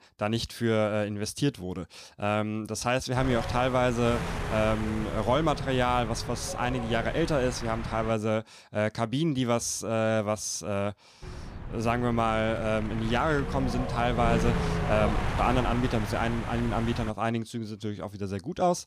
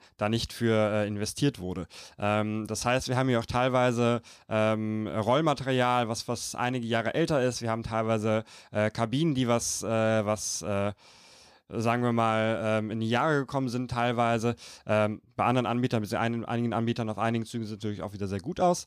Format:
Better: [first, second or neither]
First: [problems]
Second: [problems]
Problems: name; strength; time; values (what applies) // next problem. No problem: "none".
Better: second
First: wind noise on the microphone; heavy; from 3 to 8 s and from 11 to 17 s; 7 dB below the speech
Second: none